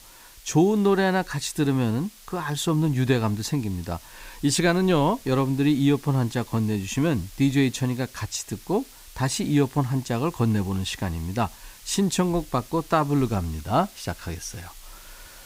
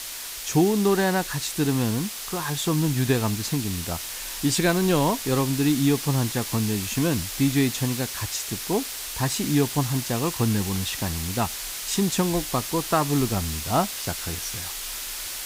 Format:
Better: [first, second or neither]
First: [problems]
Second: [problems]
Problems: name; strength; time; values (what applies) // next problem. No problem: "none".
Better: first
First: hiss; faint; throughout; 20 dB below the speech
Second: hiss; loud; throughout; 5 dB below the speech